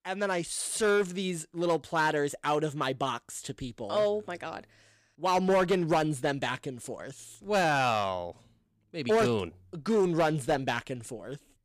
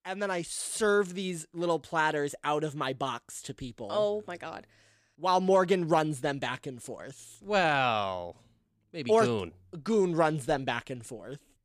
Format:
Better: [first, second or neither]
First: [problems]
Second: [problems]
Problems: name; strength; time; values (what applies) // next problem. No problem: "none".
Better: second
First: distortion; slight; 5% of the sound clipped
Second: none